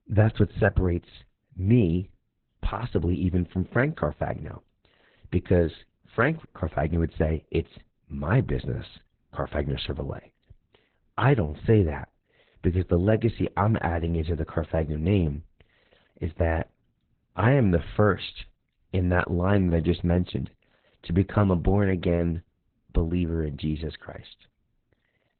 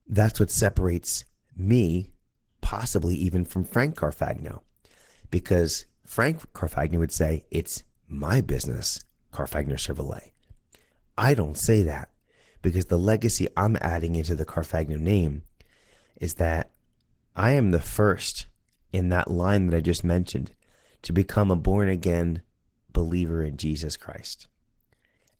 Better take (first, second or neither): second